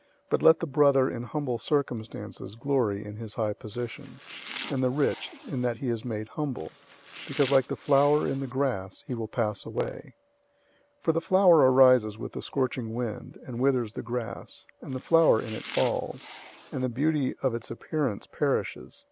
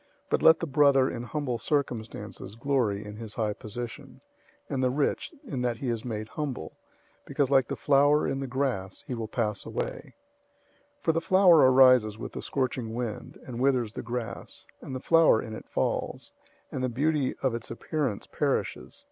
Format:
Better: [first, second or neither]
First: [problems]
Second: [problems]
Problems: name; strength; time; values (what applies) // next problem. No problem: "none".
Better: second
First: background sound (Domestic sounds, home sounds); 16 dB below the speech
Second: none